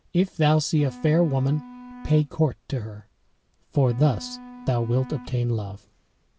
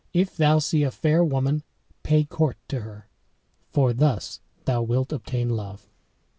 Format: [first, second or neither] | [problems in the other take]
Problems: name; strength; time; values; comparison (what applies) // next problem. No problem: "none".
second | background sound (Wind instrument, woodwind instrument); 19 dB below the speech